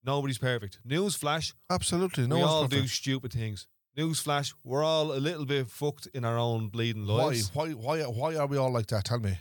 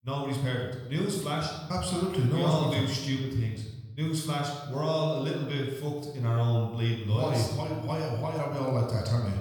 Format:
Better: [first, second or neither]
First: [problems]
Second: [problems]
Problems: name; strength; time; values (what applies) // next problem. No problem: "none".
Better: first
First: none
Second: off-mic speech; somewhat distant // room echo; noticeable; dies away in 1 s